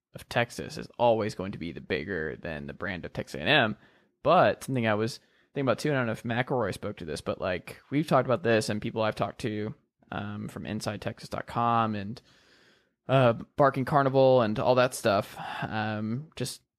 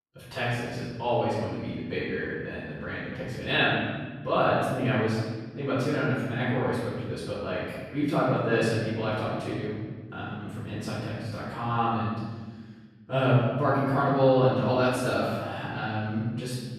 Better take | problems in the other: first | off-mic speech; far // room echo; strong; dies away in 1.5 s

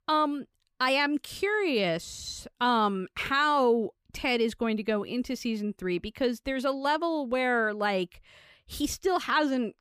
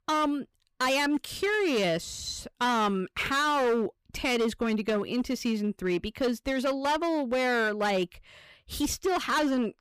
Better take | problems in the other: first | distortion; slight; 14% of the sound clipped

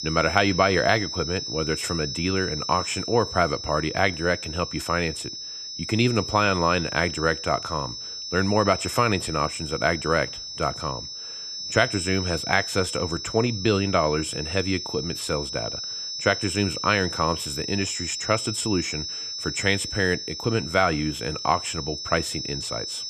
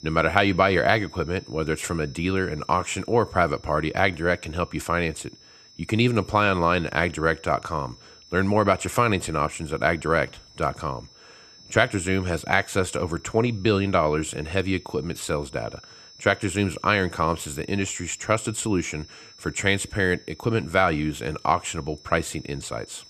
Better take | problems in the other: second | high-pitched whine; loud; throughout; 5.5 kHz, 6 dB below the speech; faint in the second

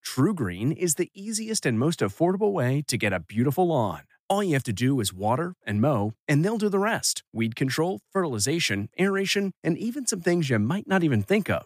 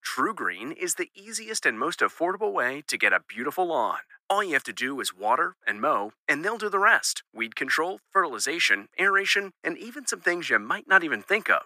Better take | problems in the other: first | thin; very; fading below 350 Hz

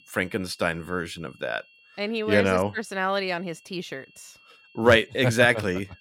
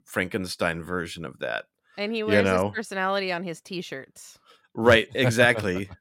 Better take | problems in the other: second | high-pitched whine; faint; throughout; 2.5 kHz, 30 dB below the speech

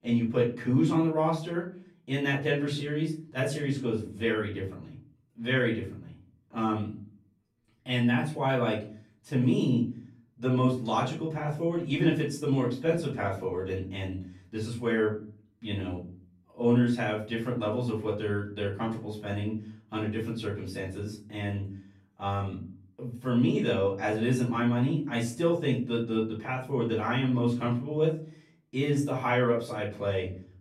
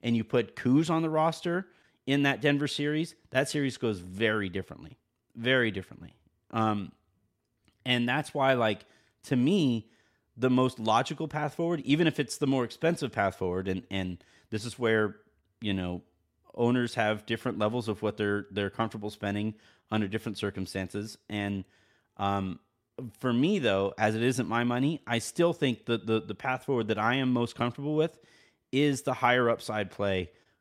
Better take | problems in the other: second | off-mic speech; far // room echo; slight; dies away in 0.4 s

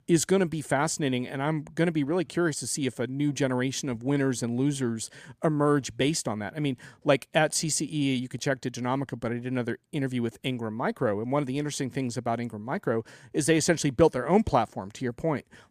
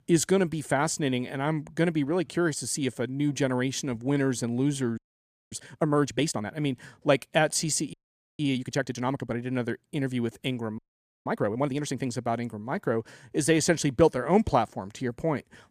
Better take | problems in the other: first | audio freezing; at 5 s for 0.5 s, at 8 s and at 11 s

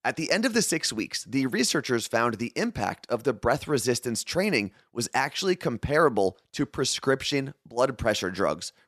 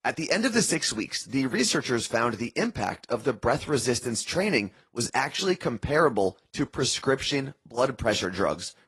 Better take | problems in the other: first | garbled, watery; slightly; nothing above 11 kHz

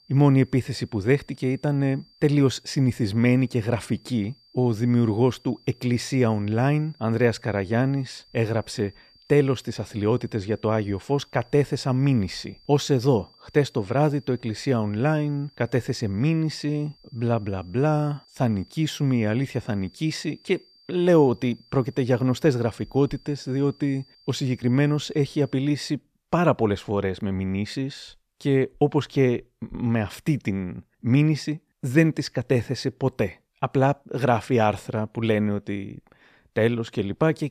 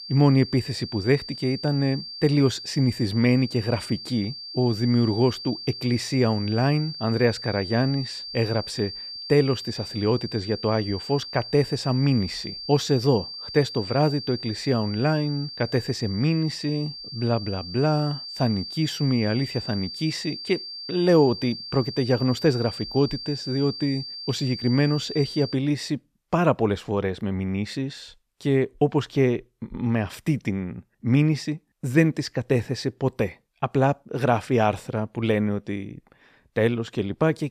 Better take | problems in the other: first | high-pitched whine; loud; until 26 s; 4.5 kHz, 9 dB below the speech; faint in the first

